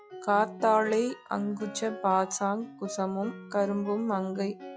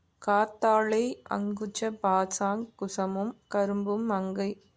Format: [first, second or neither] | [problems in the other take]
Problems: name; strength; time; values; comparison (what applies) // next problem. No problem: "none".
second | noise reduction (classical method log-MMSE)